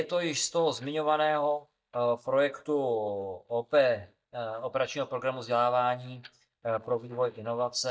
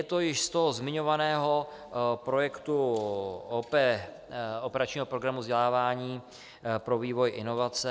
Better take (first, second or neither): second